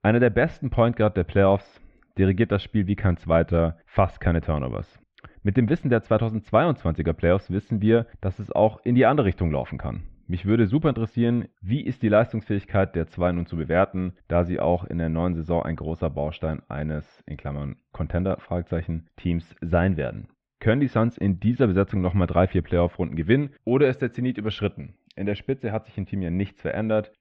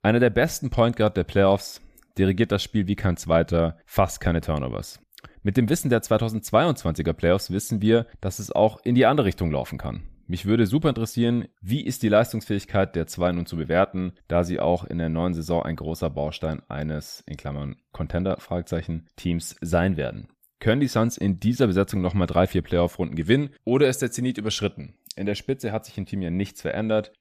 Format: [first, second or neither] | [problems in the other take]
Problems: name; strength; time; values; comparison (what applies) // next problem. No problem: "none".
second | muffled; very; fading above 3 kHz